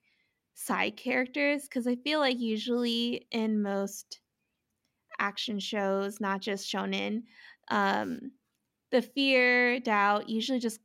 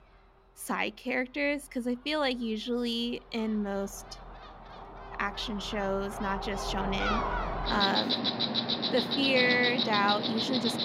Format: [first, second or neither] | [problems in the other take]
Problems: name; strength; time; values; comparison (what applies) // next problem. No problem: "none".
first | animal sounds; very loud; throughout; as loud as the speech